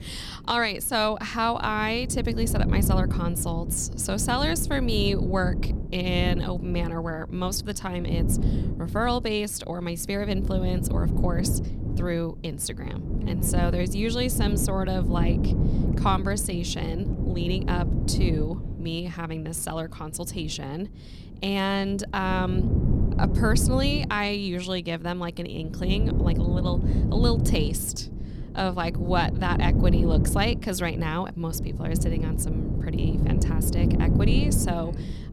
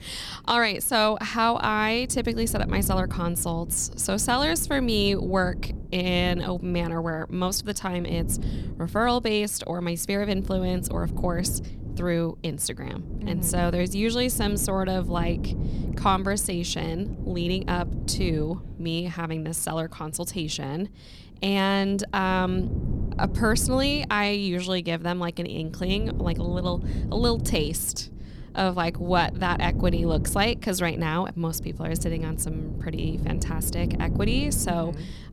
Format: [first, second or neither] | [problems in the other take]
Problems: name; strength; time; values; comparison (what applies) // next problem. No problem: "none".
second | wind noise on the microphone; heavy; 7 dB below the speech; occasional gusts in the second